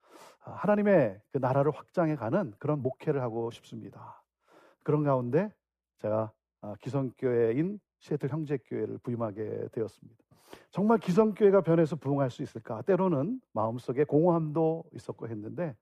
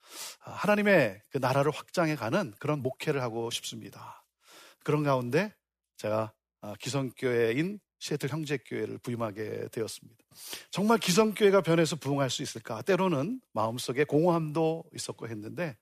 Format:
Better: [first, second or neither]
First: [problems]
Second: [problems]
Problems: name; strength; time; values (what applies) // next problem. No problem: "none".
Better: second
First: muffled; very; fading above 2 kHz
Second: none